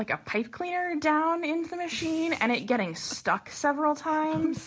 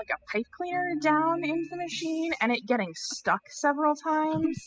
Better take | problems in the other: first | noise reduction (classical method spectral subtraction)

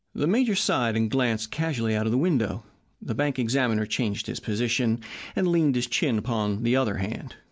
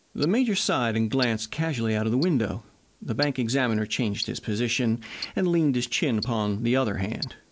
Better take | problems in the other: first | background sound (Tick-tock); 17 dB below the speech

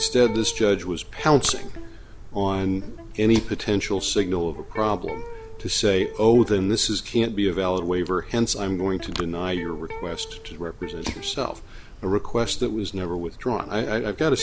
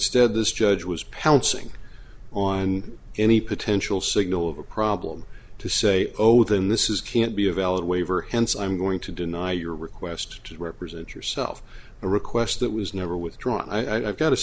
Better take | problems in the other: second | background sound (Electric guitar + Fire); 15 dB below the speech

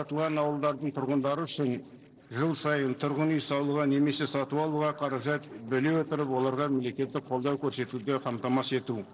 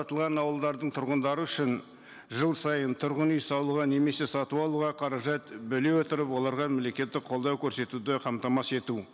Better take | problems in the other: second | noise reduction (neural separator model SepFormer DNS4)

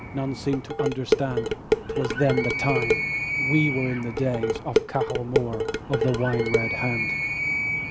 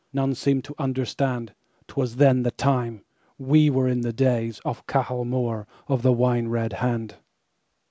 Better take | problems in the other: second | background sound (Dishes, pots, and pans + Animal); 1 dB above the speech

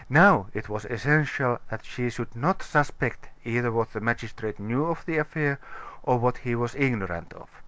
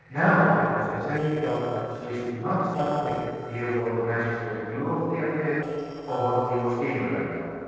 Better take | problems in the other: first | noise reduction (neural separator model SepFormer DNS4)

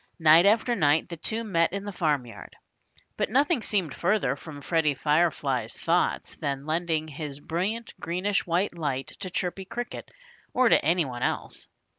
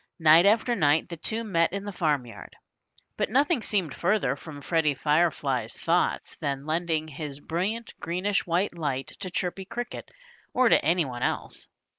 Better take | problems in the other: first | noise reduction (neural mask model Resemble Enhance denoiser)

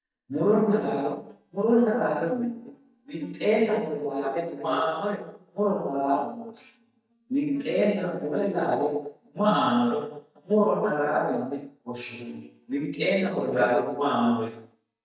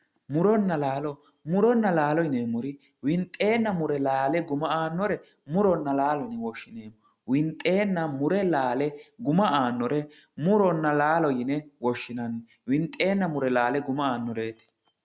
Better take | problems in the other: second | noise reduction (neural mask model DeepFilterNet 3)

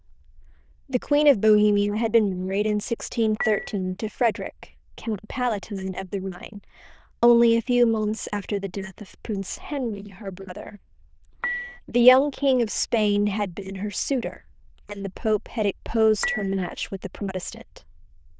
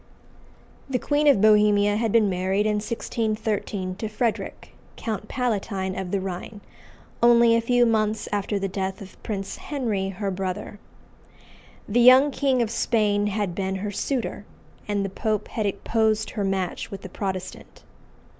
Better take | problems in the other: second | noise reduction (neural diffusion model UNIVERSE++)

